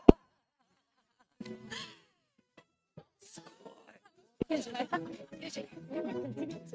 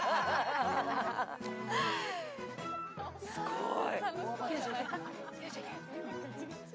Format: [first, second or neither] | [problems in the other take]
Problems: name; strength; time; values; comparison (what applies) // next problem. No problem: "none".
second | noise reduction (neural mask model RNNoise)